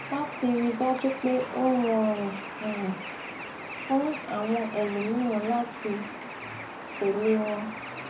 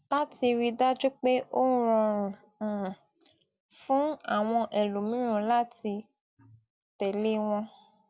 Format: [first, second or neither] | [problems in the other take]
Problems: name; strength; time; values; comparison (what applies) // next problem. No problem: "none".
second | background sound (Bird); 9 dB below the speech // room echo; dies away in 0.4 s